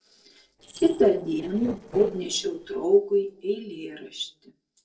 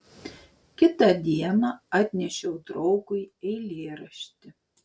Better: second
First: noise reduction (neural separator model SepFormer DNS4)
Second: none

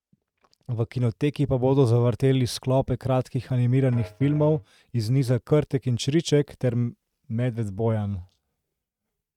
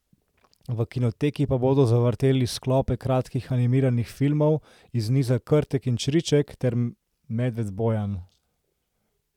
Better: second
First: noise reduction (neural mask model RNNoise)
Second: none

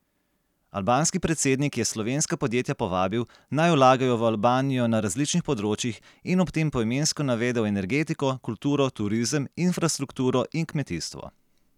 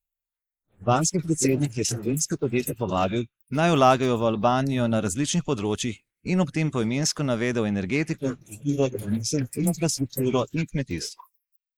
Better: first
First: none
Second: noise reduction (neural mask model Resemble Enhance denoiser)

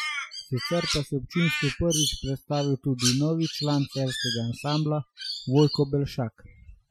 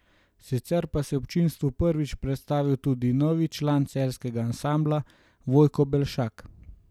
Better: second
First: noise reduction (classical method Wiener filter)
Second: none

